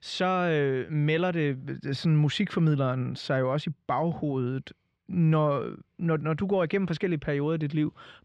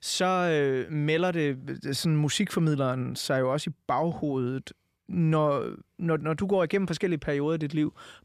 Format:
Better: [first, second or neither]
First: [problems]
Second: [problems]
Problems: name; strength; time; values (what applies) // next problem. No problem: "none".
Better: second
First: muffled; very slightly; fading above 3 kHz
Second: none